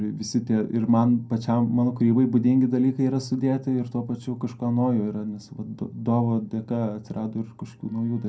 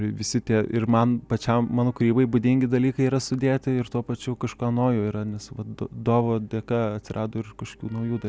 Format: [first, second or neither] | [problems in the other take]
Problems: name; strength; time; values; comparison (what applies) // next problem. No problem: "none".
second | room echo; dies away in 0.2 s